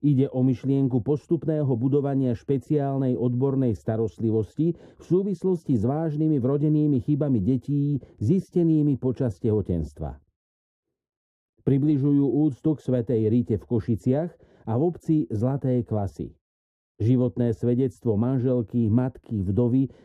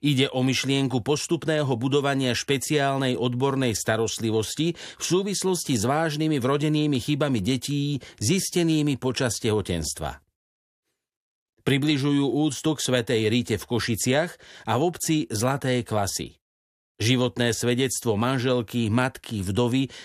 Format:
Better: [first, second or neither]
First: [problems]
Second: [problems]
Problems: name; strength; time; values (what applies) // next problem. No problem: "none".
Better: second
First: muffled; very; fading above 1 kHz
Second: none